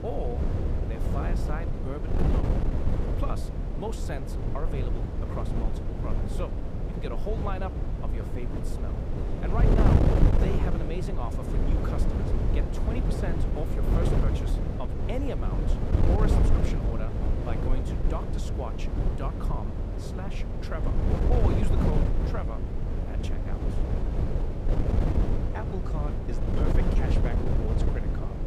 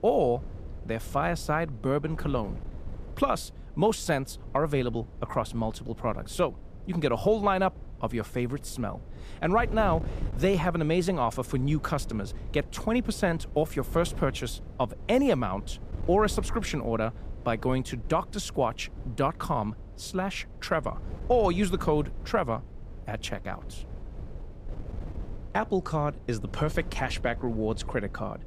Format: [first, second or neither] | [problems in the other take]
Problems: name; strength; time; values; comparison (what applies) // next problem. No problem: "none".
second | wind noise on the microphone; heavy; 2 dB above the speech; occasional gusts in the second